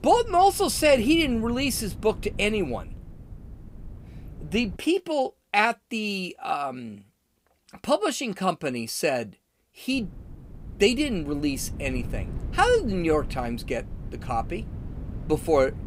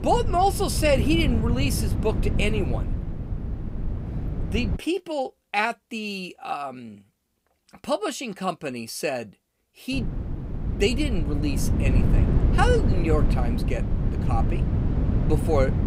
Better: first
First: wind noise on the microphone; occasional gusts; until 5 s and from 10 s on; 25 dB below the speech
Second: wind noise on the microphone; heavy; until 5 s and from 10 s on; 9 dB below the speech

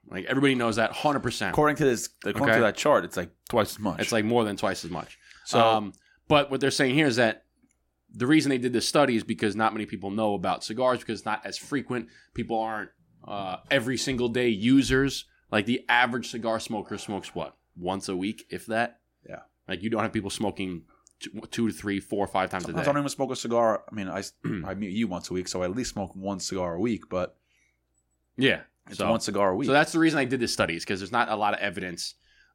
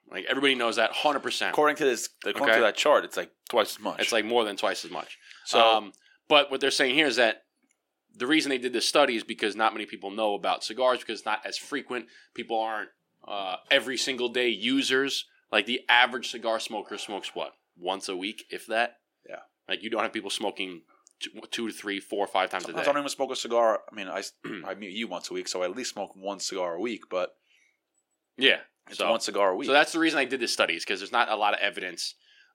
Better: first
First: none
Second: thin; somewhat; fading below 400 Hz

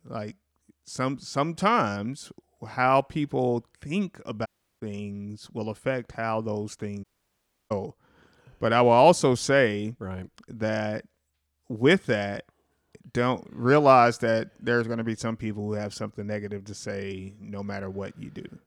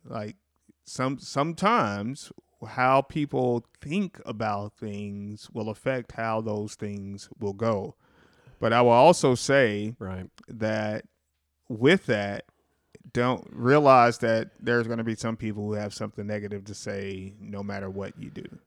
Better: second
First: audio cutting out; at 4.5 s and at 7 s for 0.5 s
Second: none

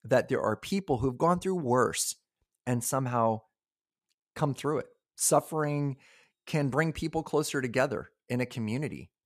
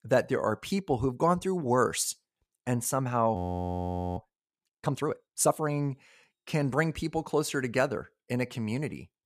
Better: first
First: none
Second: audio freezing; at 3.5 s for 1 s

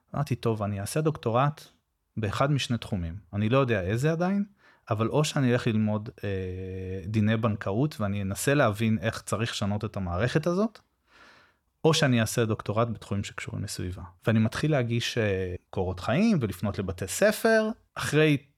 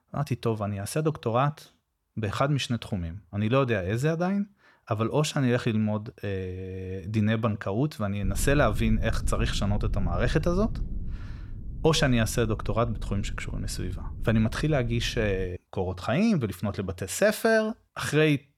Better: first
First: none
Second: low rumble; faint; from 8 to 15 s; 20 dB below the speech

